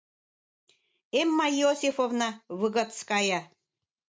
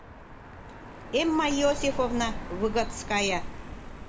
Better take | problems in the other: first | background sound (Car passing by); 7 dB below the speech

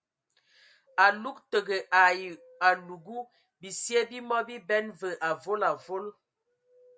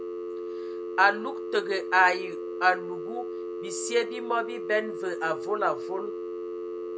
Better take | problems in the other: first | background sound (Telephone); 6 dB below the speech

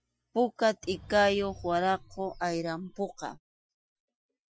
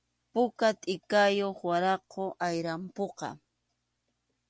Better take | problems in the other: second | noise reduction (classical method Wiener filter)

